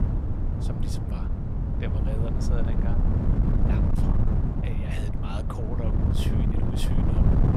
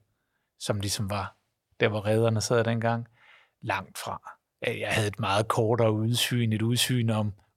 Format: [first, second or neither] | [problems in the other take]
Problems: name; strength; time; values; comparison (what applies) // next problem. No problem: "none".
second | wind noise on the microphone; heavy; 4 dB above the speech